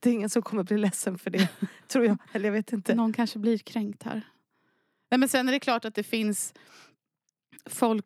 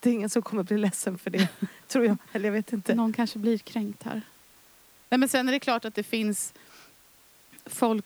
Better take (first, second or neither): first